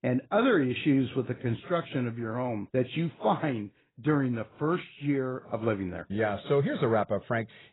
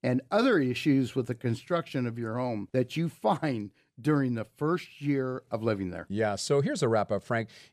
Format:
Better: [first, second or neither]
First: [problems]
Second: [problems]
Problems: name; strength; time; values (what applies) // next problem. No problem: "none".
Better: second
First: garbled, watery; badly; nothing above 4 kHz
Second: none